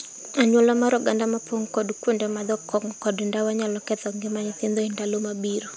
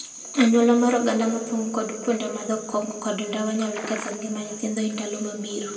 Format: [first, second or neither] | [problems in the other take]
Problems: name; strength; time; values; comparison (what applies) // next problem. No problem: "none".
first | background sound (Liquid); 12 dB below the speech // room echo; dies away in 1.7 s